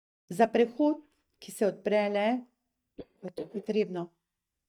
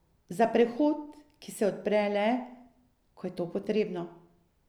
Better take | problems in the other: second | noise reduction (neural mask model DeepFilterNet 3)

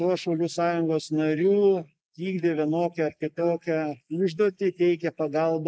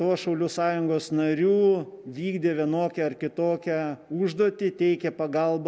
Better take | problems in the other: second | noise reduction (neural mask model Resemble Enhance denoiser)

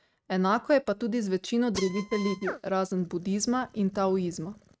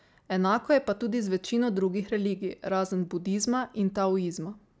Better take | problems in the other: second | noise reduction (neural mask model RNNoise)

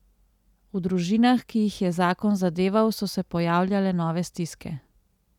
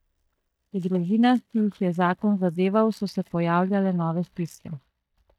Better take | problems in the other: first | noise reduction (neural mask model DeepFilterNet 3)

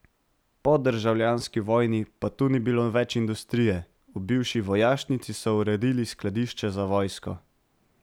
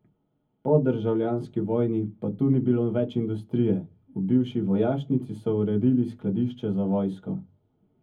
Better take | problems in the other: first | room echo; dies away in 0.3 s

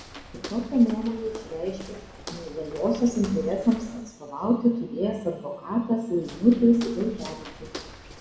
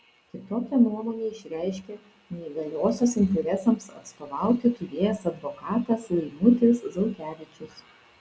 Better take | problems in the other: second | background sound (Walk, footsteps); 17 dB below the speech // room echo; dies away in 1 s

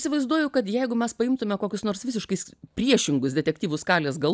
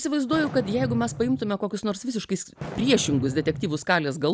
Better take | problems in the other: first | background sound (Fireworks + Camera); 10 dB below the speech

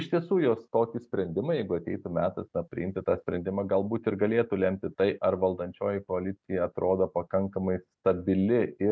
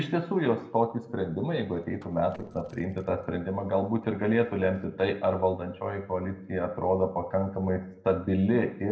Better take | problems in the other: first | noise reduction (neural separator model SepFormer DNS4)

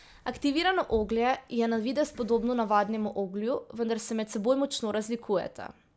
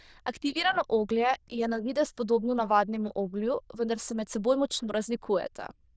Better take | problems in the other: first | noise reduction (neural diffusion model UNIVERSE++)

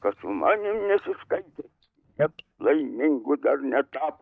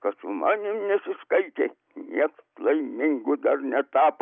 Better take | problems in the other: second | noise reduction (neural mask model DeepFilterNet 3)

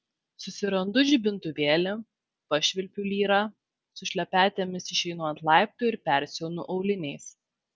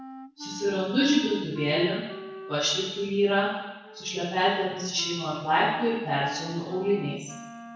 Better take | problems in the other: first | background sound (Wind instrument, woodwind instrument); 15 dB below the speech // room echo; dies away in 1 s

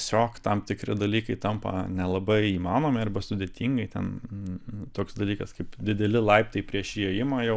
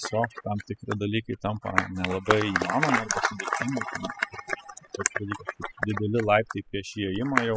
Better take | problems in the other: first | noise reduction (classical method spectral subtraction)

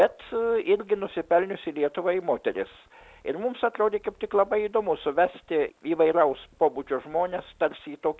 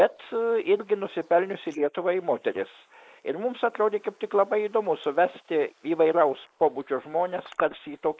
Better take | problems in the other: first | noise reduction (neural mask model Resemble Enhance denoiser)

